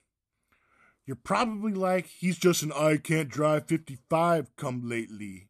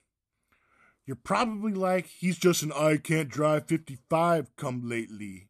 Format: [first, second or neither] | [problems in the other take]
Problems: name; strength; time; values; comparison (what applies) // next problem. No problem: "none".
neither | none